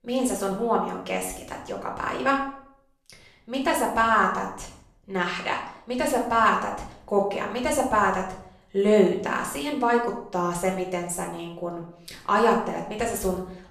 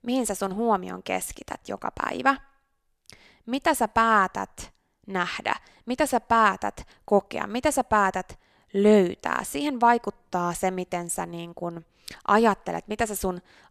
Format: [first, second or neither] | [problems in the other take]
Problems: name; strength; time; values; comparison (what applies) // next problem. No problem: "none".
second | room echo; noticeable; dies away in 0.5 s // off-mic speech; far